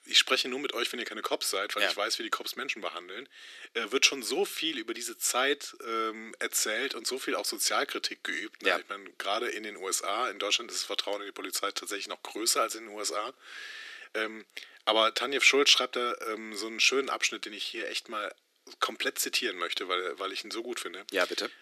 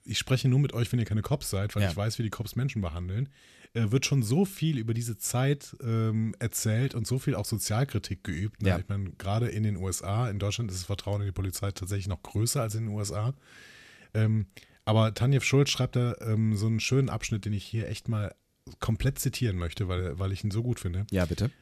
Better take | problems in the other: second | thin; very; fading below 300 Hz

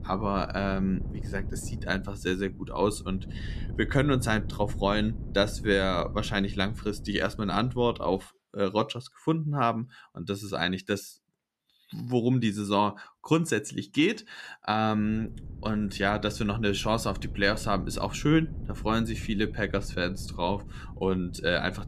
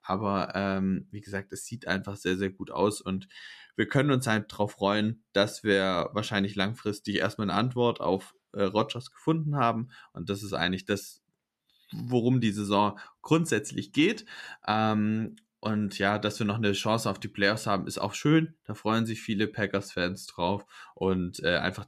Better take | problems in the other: second | wind noise on the microphone; occasional gusts; until 8 s and from 15 s on; 20 dB below the speech

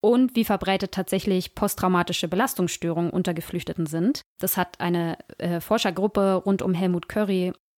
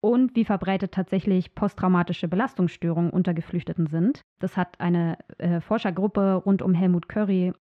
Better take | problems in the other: first | muffled; very; fading above 2 kHz

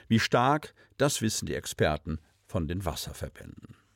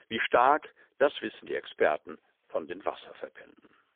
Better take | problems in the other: first | phone-call audio; poor line; nothing above 3.5 kHz

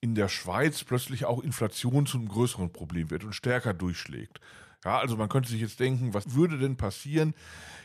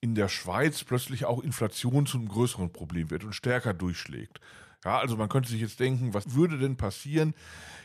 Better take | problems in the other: neither | none

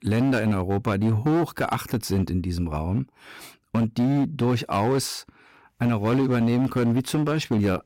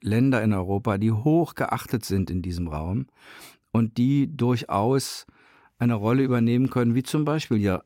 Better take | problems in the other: second | distortion; slight; 13% of the sound clipped

